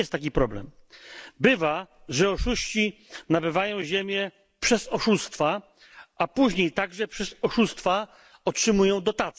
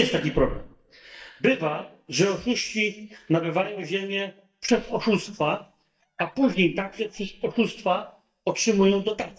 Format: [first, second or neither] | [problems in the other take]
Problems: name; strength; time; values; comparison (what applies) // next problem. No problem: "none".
first | noise reduction (neural mask model DeepFilterNet 3)